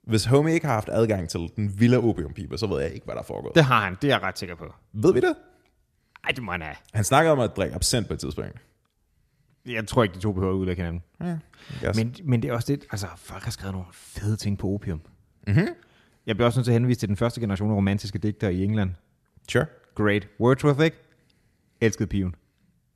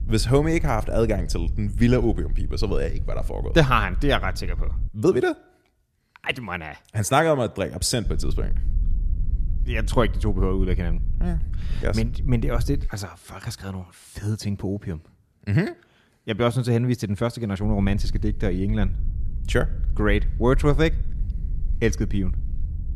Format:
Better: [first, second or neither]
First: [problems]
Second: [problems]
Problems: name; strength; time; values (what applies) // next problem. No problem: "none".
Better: first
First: none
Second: wind noise on the microphone; occasional gusts; until 5 s, from 8 to 13 s and from 18 s on; 20 dB below the speech